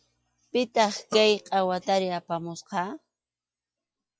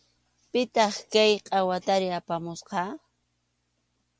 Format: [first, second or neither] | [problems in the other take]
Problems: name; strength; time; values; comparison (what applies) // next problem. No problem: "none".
second | noise reduction (classical method log-MMSE)